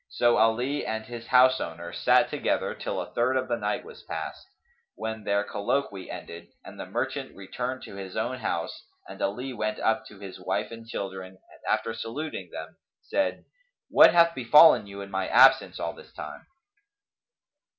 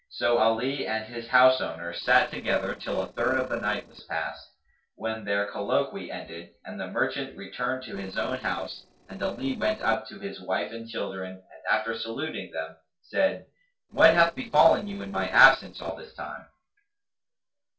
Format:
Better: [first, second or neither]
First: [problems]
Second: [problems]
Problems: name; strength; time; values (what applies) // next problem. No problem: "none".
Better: first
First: none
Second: noise reduction (neural separator model SepFormer DNS4)